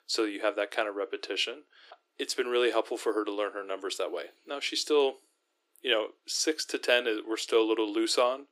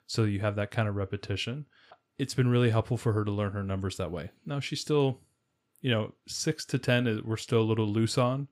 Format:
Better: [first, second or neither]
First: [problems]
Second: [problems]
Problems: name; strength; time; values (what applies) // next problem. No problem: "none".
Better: second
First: thin; very; fading below 300 Hz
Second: none